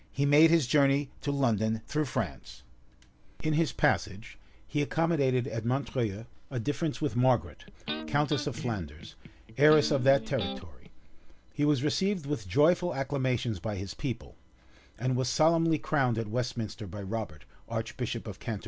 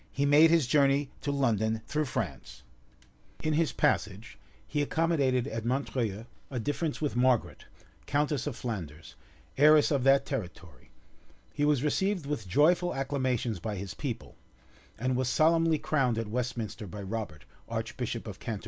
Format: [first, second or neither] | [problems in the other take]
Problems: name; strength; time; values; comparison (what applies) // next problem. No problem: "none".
second | background sound (Electric guitar); 11 dB below the speech